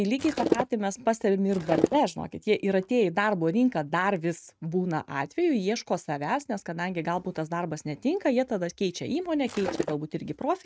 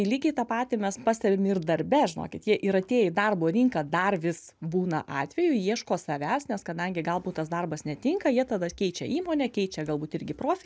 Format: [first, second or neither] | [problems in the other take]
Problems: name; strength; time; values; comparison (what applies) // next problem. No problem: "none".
second | noise reduction (neural mask model RNNoise)